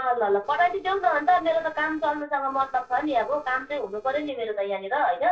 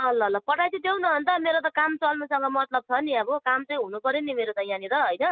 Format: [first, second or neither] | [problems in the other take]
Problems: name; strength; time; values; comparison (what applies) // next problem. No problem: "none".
second | noise reduction (neural separator model SepFormer DNS4)